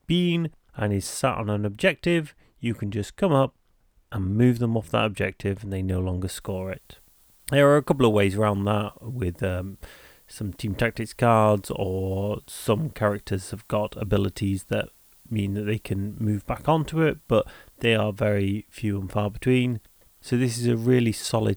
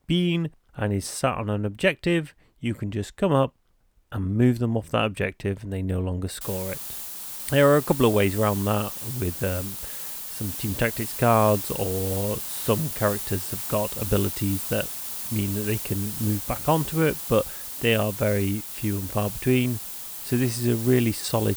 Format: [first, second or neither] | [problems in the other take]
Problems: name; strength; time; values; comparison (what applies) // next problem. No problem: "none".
first | hiss; loud; from 6.5 s on; 6 dB below the speech; faint in the first